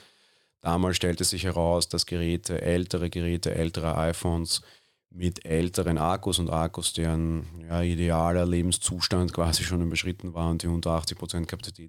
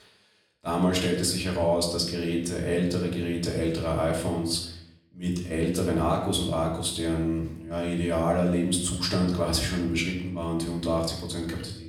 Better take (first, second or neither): first